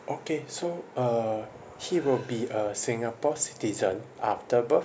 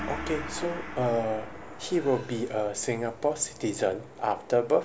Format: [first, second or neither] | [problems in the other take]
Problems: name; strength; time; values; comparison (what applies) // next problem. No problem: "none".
first | background sound (Gong); 12 dB below the speech